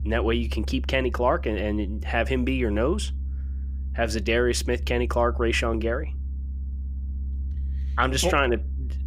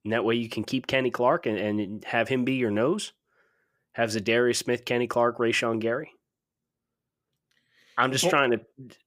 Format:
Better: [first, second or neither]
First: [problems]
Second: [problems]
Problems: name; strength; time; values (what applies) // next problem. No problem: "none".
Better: second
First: low rumble; faint; throughout; 25 dB below the speech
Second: none